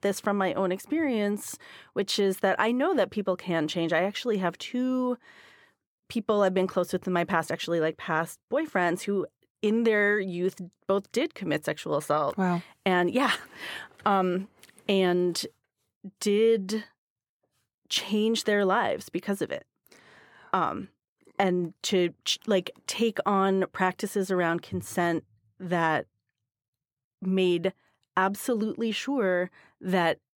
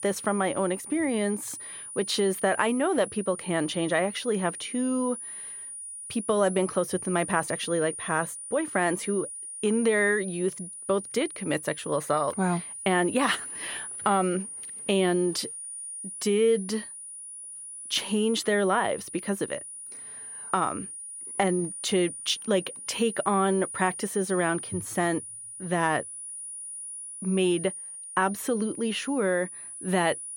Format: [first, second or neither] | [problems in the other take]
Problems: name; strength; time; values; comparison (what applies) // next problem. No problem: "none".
first | high-pitched whine; loud; throughout; 9.5 kHz, 9 dB below the speech